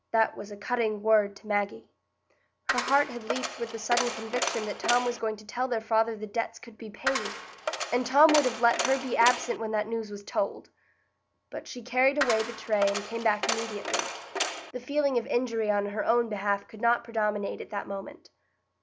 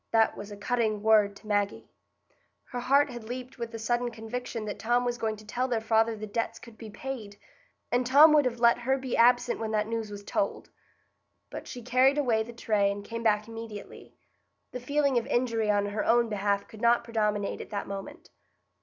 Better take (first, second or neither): second